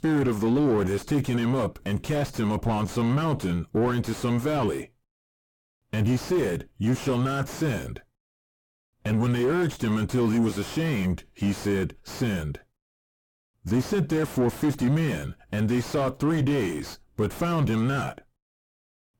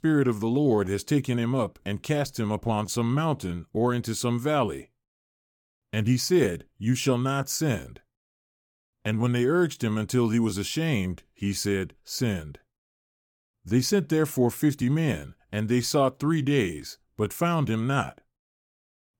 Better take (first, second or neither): second